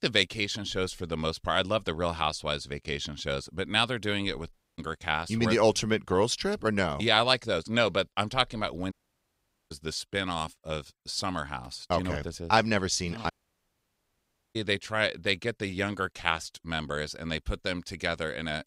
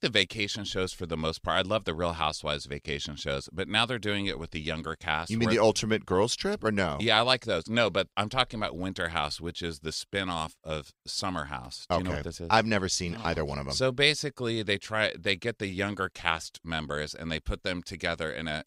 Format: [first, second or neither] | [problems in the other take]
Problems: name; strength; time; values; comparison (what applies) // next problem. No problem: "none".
second | audio cutting out; at 4.5 s, at 9 s for 1 s and at 13 s for 1.5 s